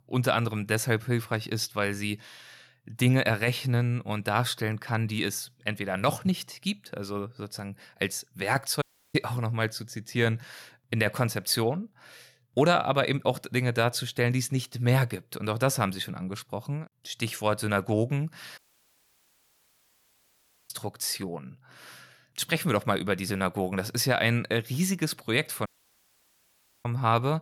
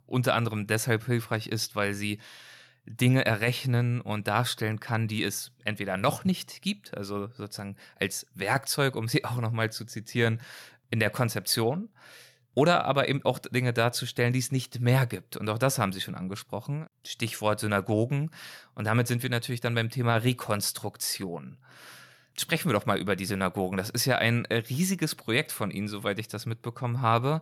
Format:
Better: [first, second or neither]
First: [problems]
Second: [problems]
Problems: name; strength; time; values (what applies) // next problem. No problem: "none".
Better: second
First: audio cutting out; at 9 s, at 19 s for 2 s and at 26 s for 1 s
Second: none